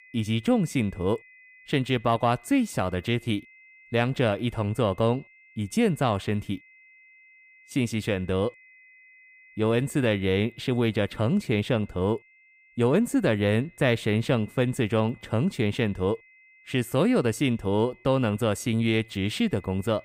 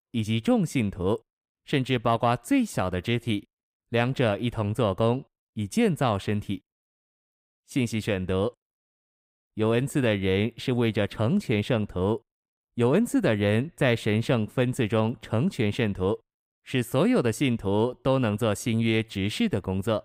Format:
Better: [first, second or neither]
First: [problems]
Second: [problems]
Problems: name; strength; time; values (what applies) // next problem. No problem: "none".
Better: second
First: high-pitched whine; faint; throughout; 2 kHz, 25 dB below the speech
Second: none